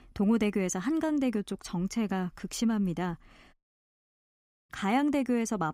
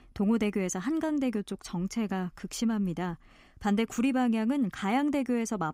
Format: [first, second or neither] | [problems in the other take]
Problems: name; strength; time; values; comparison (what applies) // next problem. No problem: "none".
second | audio cutting out; at 3.5 s for 1 s